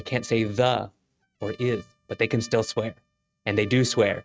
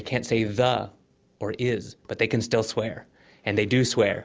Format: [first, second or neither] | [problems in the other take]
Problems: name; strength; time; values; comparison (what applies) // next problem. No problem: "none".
second | noise reduction (neural mask model RNNoise)